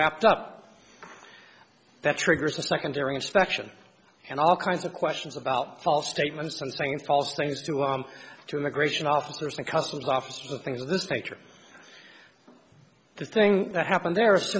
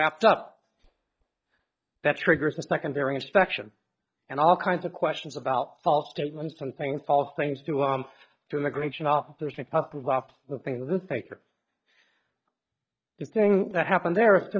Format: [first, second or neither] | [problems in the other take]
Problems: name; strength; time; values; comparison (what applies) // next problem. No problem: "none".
first | noise reduction (neural mask model DeepFilterNet 3)